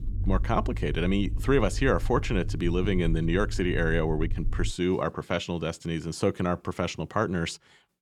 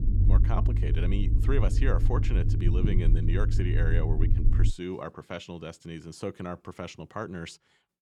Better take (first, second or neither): first